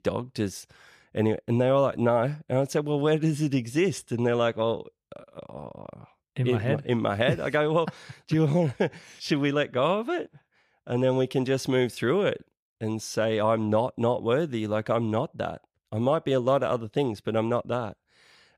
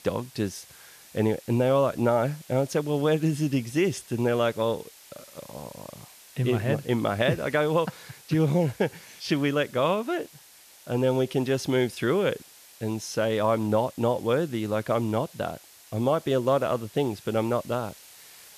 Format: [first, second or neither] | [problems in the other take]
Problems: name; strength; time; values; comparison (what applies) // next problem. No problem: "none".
first | hiss; faint; throughout; 20 dB below the speech